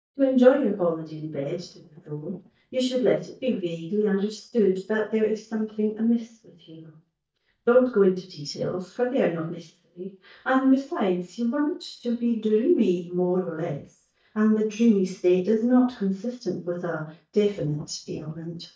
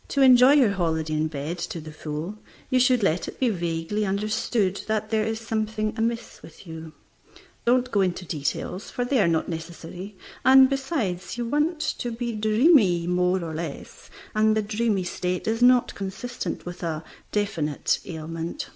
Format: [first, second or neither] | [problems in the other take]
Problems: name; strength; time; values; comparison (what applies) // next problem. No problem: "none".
second | noise reduction (neural mask model DeepFilterNet 3)